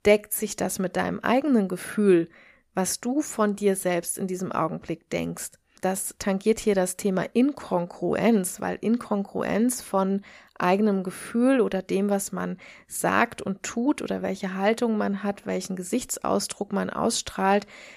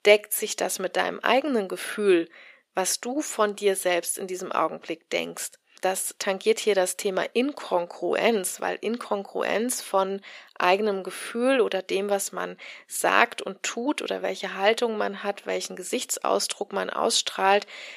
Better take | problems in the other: first | thin; somewhat; fading below 450 Hz

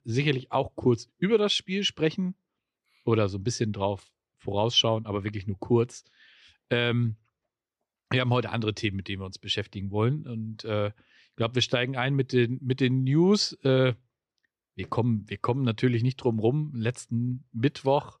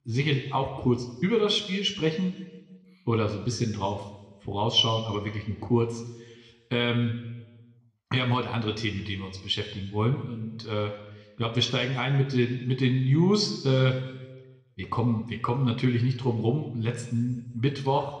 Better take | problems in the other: first | room echo; slight; dies away in 1.1 s

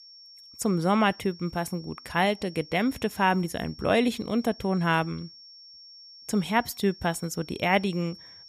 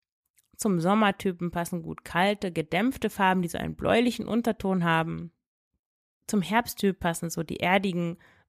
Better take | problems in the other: second | high-pitched whine; noticeable; throughout; 5.5 kHz, 20 dB below the speech

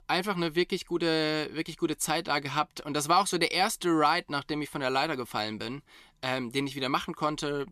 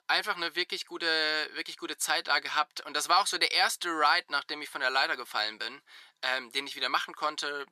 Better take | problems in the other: first | thin; very; fading below 600 Hz

